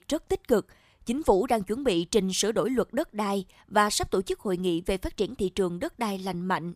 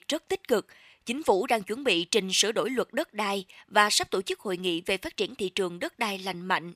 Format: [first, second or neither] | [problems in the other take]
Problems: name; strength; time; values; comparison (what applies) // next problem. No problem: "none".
first | thin; very slightly; fading below 350 Hz